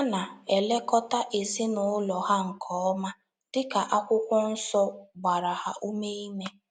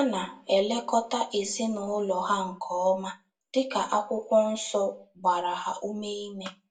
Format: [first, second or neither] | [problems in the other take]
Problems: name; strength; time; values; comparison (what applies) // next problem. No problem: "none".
first | room echo; dies away in 0.2 s